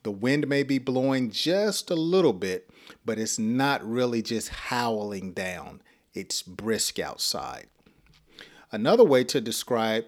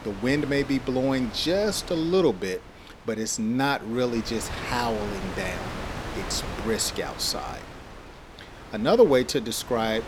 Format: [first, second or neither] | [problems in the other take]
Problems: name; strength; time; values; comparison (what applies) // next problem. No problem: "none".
first | wind noise on the microphone; occasional gusts; 10 dB below the speech